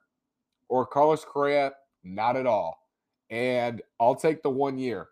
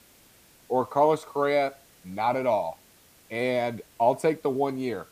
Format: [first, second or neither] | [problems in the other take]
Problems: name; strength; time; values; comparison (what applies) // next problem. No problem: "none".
first | hiss; faint; throughout; 30 dB below the speech